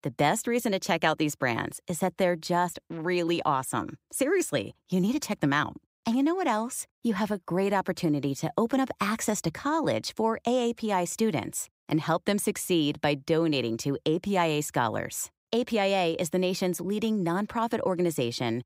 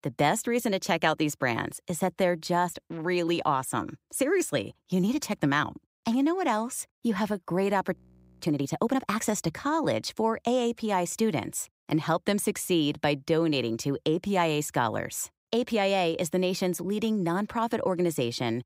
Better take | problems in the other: first | audio freezing; at 8 s

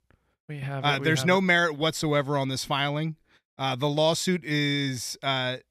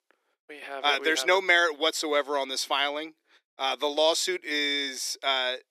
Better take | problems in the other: first | thin; very; fading below 350 Hz

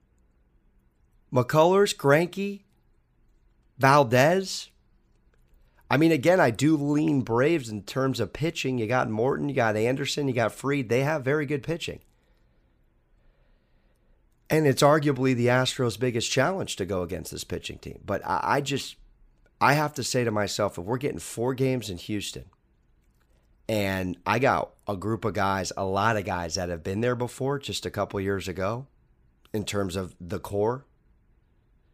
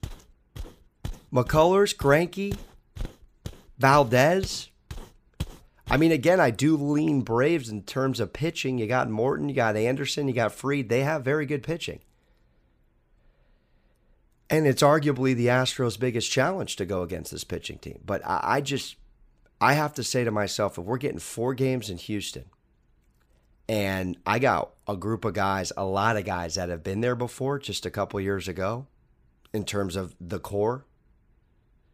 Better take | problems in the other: first | footsteps; faint; until 6 s; peak 15 dB below the speech

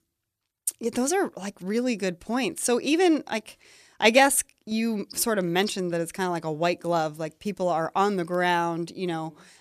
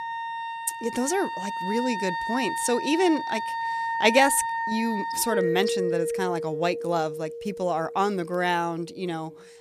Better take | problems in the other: first | background music; loud; throughout; 4 dB below the speech

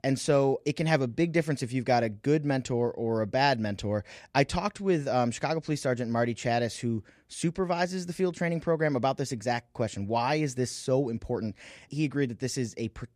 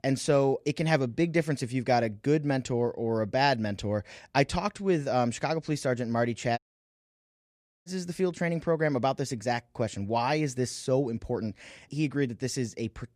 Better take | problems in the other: first | audio cutting out; at 6.5 s for 1.5 s

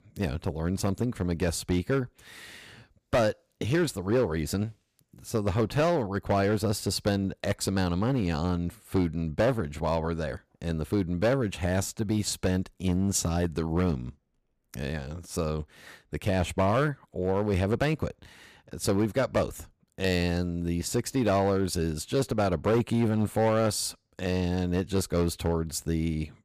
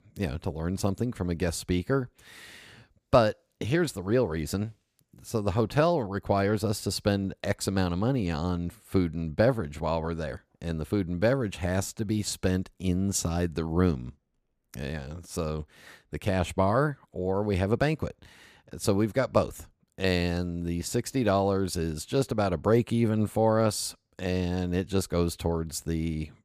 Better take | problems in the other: second | distortion; slight; 5% of the sound clipped

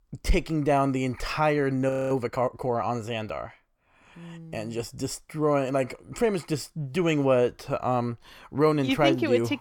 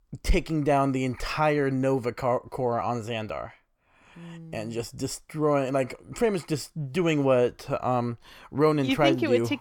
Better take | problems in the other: second | audio freezing; at 2 s

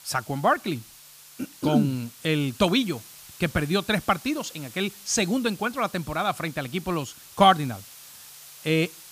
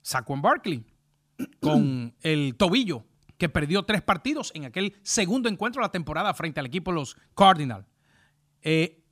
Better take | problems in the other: second | hiss; noticeable; throughout; 20 dB below the speech

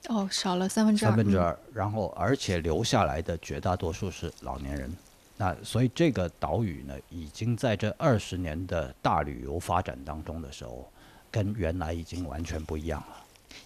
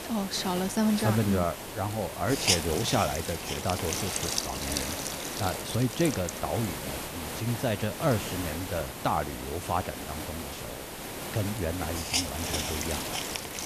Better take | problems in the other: first | hiss; loud; throughout; 2 dB below the speech; faint in the first

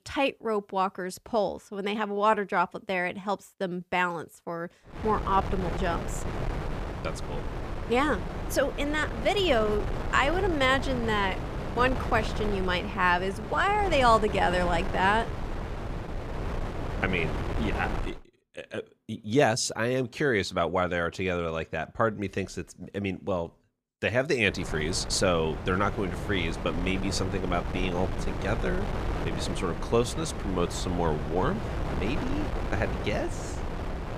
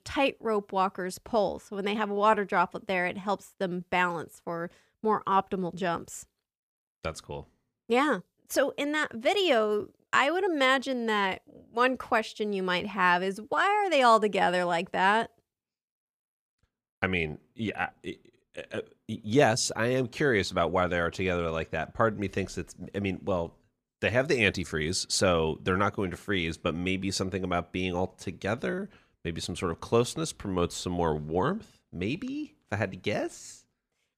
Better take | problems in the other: second | wind noise on the microphone; heavy; from 5 to 18 s and from 25 s on; 10 dB below the speech

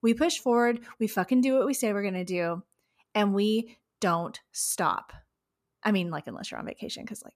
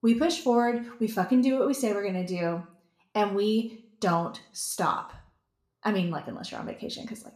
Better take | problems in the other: first | room echo; very slight; dies away in 0.4 s

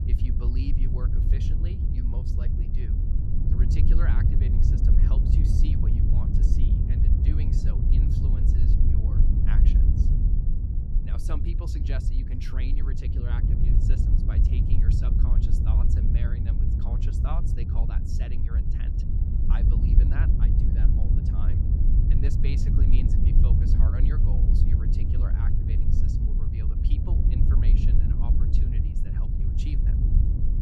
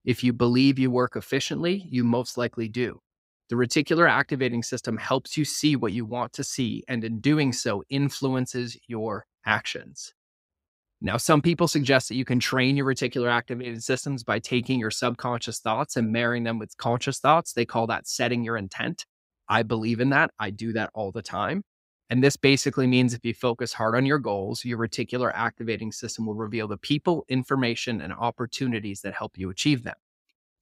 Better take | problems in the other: second | wind noise on the microphone; heavy; 4 dB above the speech

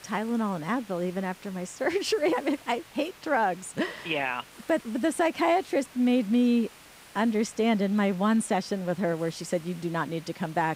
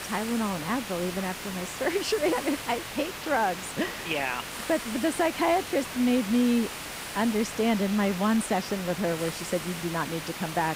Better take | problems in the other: first | hiss; loud; throughout; 7 dB below the speech; faint in the first

